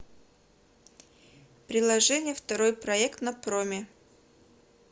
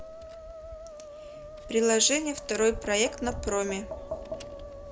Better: first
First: none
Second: background sound (Tap + Musical instrument); 10 dB below the speech

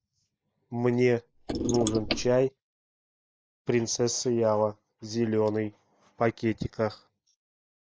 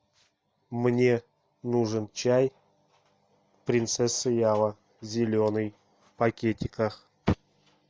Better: second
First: noise reduction (neural mask model Resemble Enhance denoiser)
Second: none

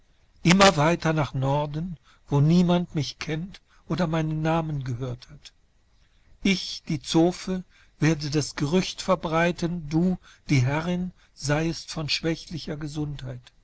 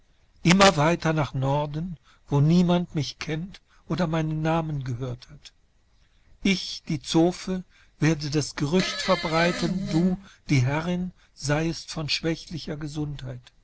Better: first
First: none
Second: background sound (Fart); 6 dB below the speech

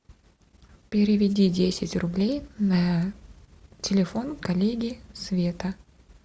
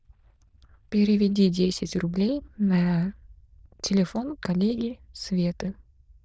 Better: first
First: none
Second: noise reduction (neural diffusion model UNIVERSE++)

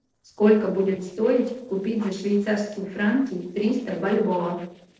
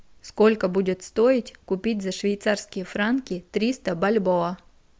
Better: second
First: noise reduction (neural separator model SepFormer DNS4)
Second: none

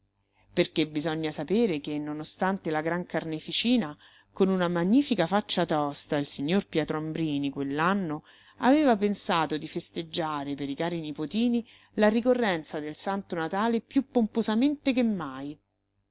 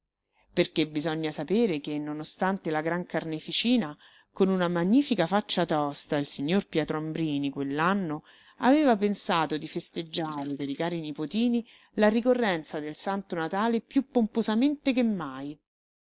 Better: first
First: none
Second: noise reduction (neural mask model Resemble Enhance denoiser)

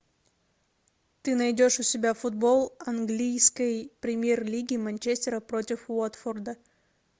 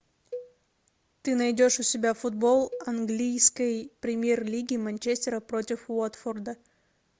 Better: first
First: none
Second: background sound (Cowbell); 18 dB below the speech

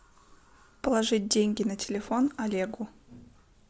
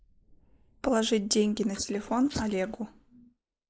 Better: first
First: none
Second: noise reduction (neural mask model Resemble Enhance denoiser)

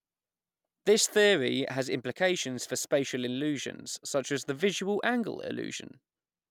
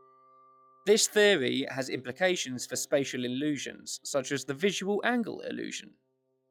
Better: first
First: none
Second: noise reduction (classical method log-MMSE)

